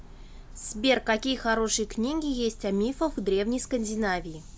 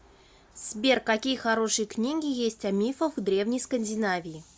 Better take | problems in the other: second | background sound (Bird / Breathing); 15 dB below the speech

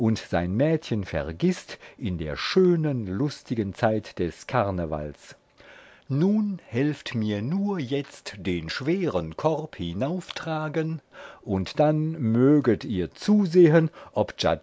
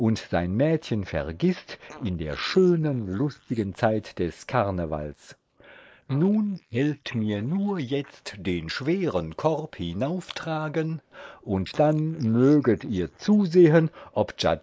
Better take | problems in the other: first | noise reduction (neural mask model Resemble Enhance denoiser)

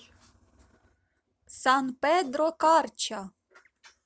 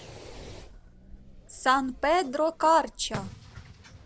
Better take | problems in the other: first | background sound (Fireworks); 16 dB below the speech

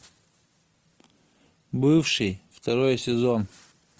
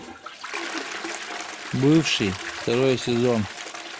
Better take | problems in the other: first | background sound (Toilet flush); 9 dB below the speech

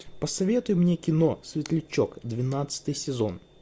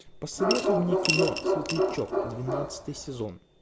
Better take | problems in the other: first | background sound (Bark + Coin (dropping) / Glass); 5 dB above the speech

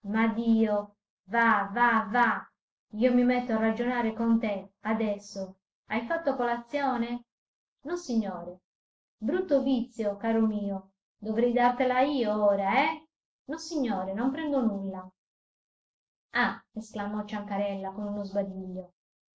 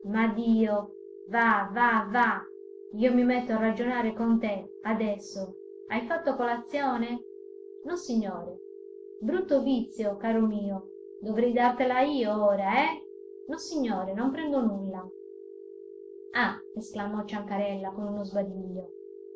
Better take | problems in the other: first | background sound (Telephone); 16 dB below the speech

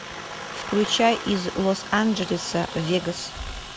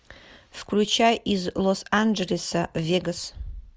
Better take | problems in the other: second | background sound (Aircraft); 10 dB below the speech

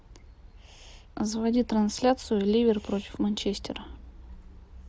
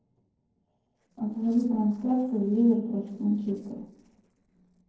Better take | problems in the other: first | noise reduction (neural separator model SepFormer DNS4)

